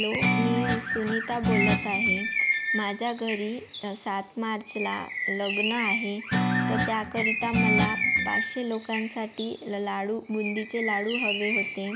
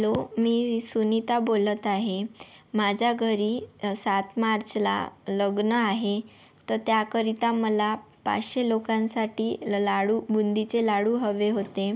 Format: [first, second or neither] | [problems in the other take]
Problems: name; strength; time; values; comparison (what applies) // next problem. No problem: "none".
second | background sound (Bird + Guitar); 2 dB above the speech